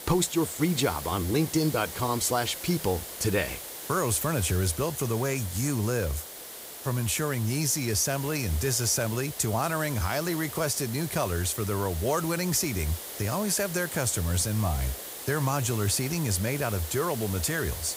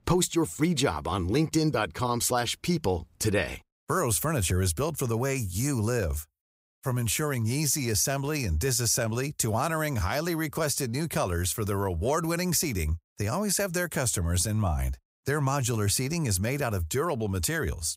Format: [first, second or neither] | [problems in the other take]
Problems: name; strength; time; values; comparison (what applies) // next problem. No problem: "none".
second | hiss; loud; throughout; 9 dB below the speech